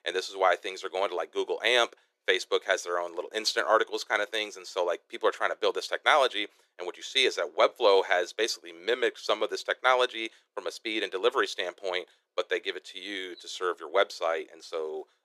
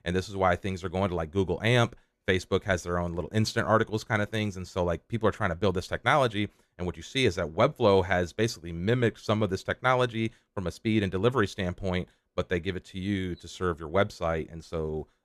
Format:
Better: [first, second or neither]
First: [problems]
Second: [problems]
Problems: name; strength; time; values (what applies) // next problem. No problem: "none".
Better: second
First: thin; very; fading below 400 Hz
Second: none